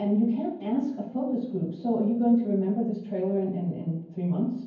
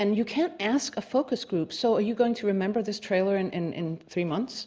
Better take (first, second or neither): second